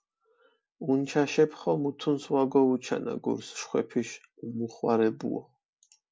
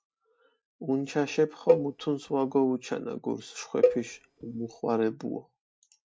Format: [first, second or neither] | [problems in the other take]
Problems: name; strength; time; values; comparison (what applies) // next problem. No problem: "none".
first | noise reduction (neural mask model RNNoise)